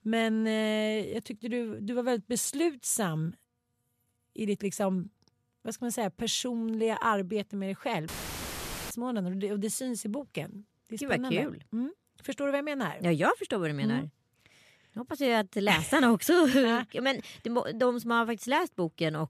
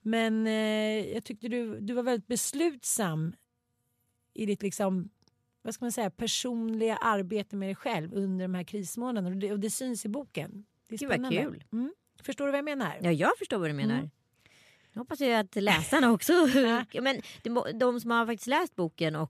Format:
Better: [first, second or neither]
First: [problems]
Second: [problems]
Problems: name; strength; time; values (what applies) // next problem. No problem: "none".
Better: second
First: audio cutting out; filled with static; at 8 s for 1 s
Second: none